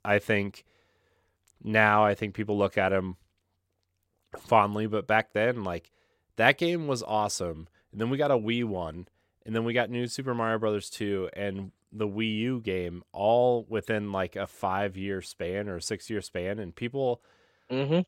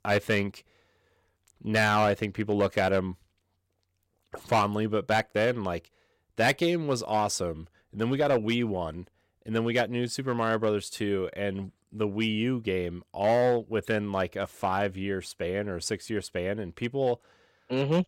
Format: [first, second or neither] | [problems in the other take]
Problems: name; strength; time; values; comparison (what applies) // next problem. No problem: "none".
first | distortion; slight; 3% of the sound clipped